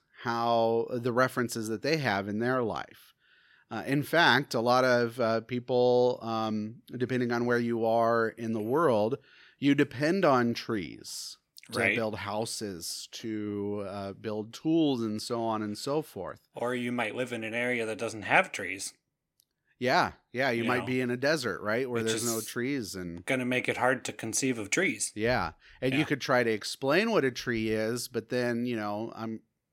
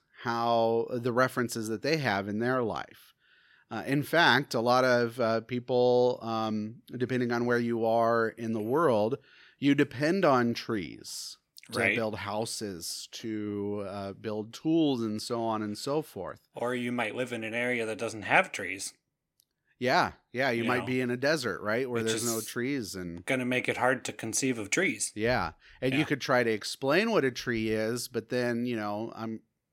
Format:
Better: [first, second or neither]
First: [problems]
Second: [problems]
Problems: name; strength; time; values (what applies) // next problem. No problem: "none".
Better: neither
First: none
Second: none